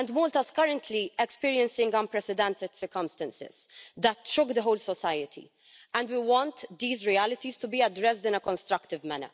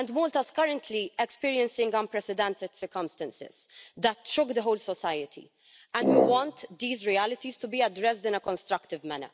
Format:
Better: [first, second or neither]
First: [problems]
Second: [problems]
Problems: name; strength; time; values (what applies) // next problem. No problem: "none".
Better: first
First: none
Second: background sound (Brass instrument); 3 dB above the speech